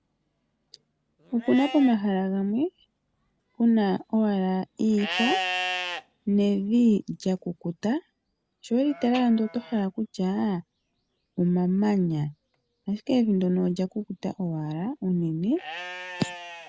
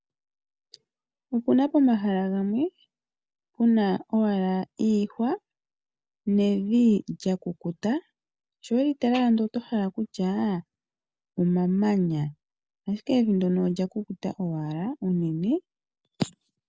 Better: second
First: background sound (Livestock, farm animals, working animals); 13 dB below the speech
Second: none

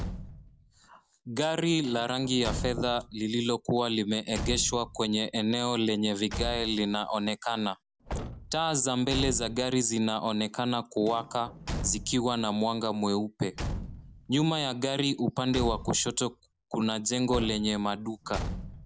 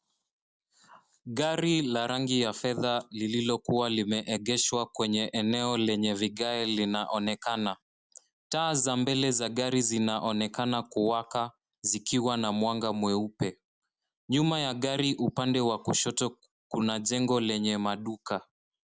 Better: second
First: background sound (Slam / Truck / Car); 11 dB below the speech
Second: none

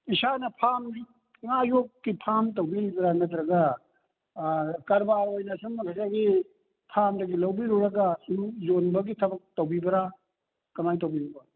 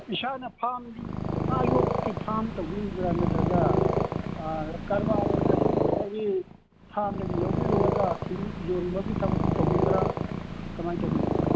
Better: first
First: none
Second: background sound (Purr); 4 dB above the speech

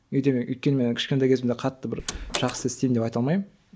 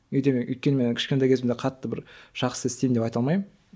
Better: second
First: background sound (Door); 10 dB below the speech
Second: none

